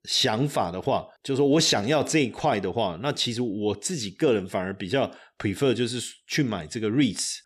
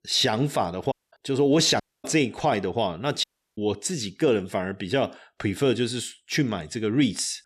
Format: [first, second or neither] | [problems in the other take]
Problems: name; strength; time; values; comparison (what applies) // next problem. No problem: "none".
first | audio cutting out; at 1 s, at 2 s and at 3 s